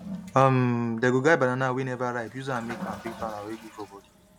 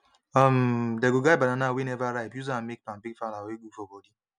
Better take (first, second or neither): second